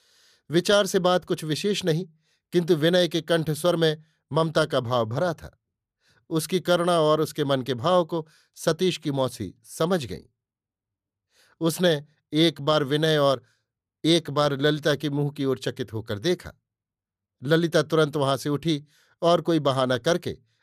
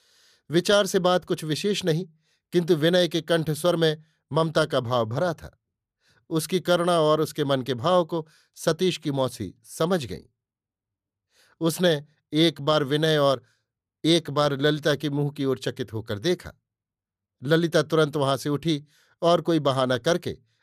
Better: neither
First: none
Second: none

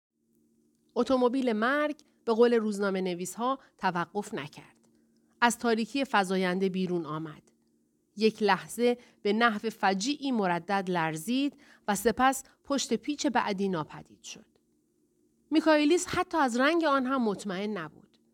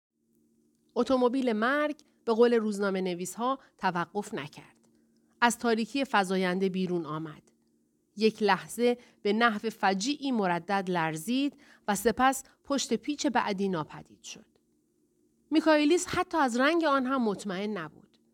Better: neither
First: none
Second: none

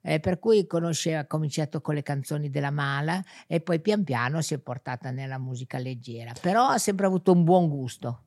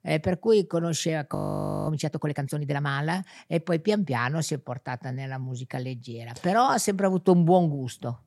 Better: first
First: none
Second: audio freezing; at 1.5 s for 0.5 s

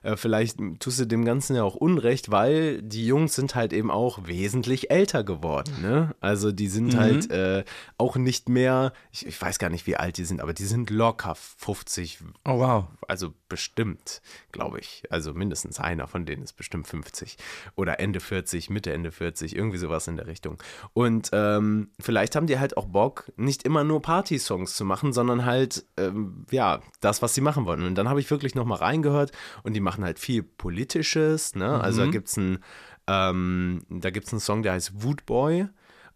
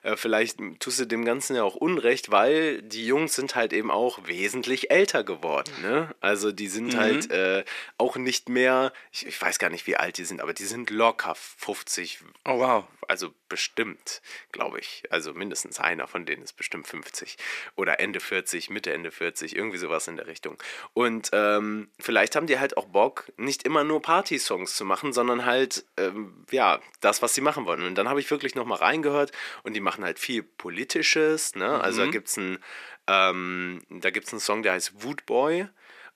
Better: first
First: none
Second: thin; somewhat; fading below 300 Hz

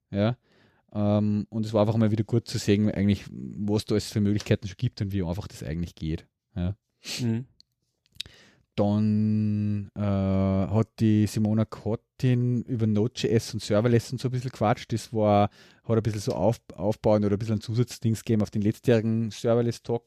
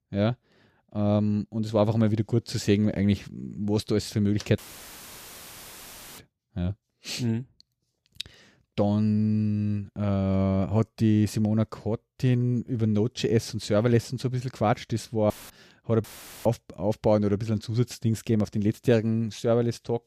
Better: first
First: none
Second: audio cutting out; filled with static; at 4.5 s for 1.5 s, at 15 s and at 16 s

